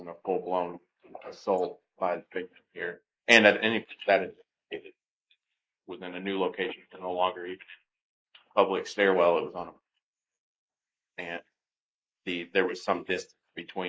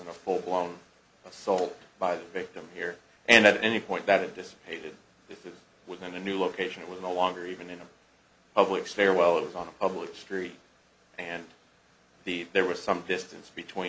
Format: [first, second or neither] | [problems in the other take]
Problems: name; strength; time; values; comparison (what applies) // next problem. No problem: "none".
second | noise reduction (neural mask model Resemble Enhance denoiser)